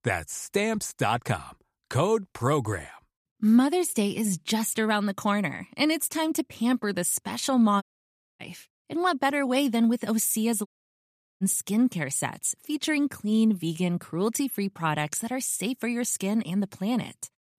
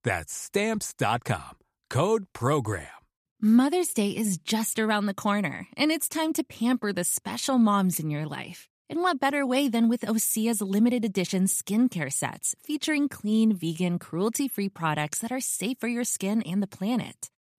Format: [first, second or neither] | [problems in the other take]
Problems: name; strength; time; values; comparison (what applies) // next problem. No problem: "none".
second | audio cutting out; at 8 s for 0.5 s and at 11 s for 0.5 s